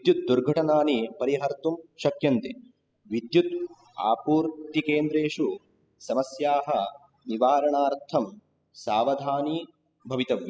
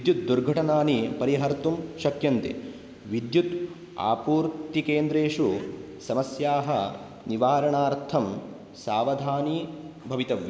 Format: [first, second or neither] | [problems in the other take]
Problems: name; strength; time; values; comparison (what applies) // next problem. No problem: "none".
second | noise reduction (classical method spectral subtraction)